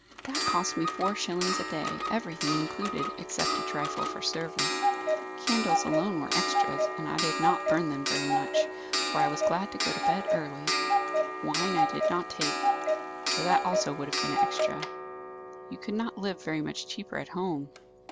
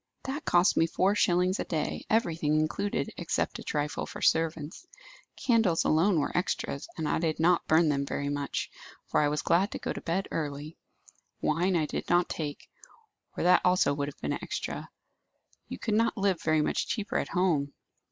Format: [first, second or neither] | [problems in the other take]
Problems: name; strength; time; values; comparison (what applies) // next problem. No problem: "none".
second | background sound (Clock); 3 dB above the speech